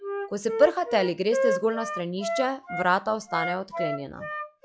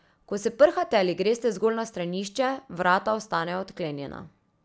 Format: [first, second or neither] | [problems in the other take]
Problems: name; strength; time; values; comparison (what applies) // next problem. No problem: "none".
second | noise reduction (classical method log-MMSE)